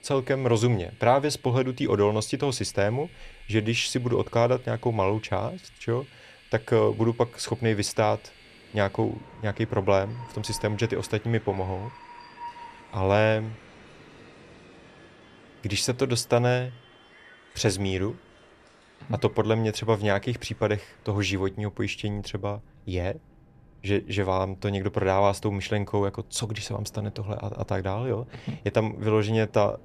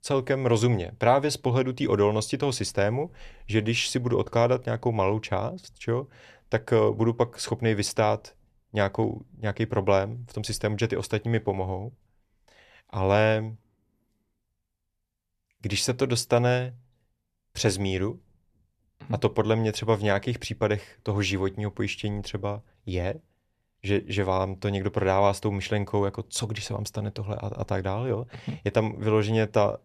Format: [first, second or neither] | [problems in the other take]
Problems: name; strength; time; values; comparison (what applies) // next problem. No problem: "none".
second | train or aircraft noise; faint; throughout; 25 dB below the speech